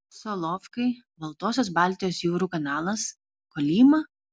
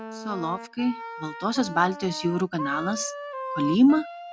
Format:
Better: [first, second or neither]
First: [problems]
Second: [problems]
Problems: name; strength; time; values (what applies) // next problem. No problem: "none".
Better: first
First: none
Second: background sound (Wind instrument, woodwind instrument); 11 dB below the speech